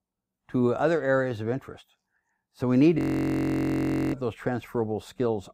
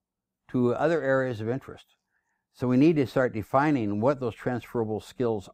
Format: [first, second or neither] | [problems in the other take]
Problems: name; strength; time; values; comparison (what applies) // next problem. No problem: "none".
second | audio freezing; at 3 s for 1 s